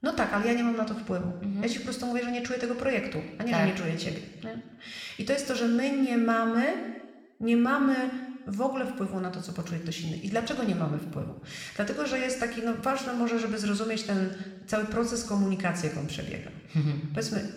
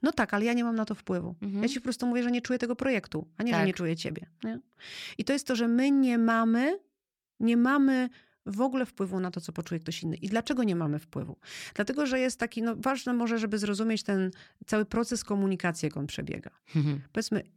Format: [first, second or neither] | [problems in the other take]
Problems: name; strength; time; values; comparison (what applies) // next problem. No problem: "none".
second | room echo; noticeable; dies away in 1 s